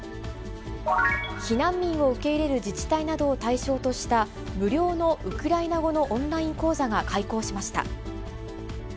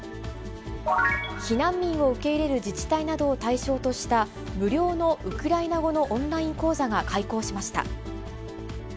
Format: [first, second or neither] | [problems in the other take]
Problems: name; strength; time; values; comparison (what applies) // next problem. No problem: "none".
second | background sound (Gull, seagull); 18 dB below the speech